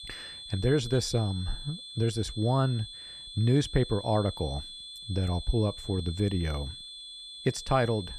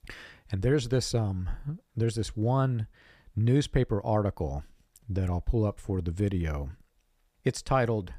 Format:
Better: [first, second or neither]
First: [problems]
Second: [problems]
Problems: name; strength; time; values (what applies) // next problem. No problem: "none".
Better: second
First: high-pitched whine; noticeable; throughout; 3.5 kHz, 10 dB below the speech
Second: none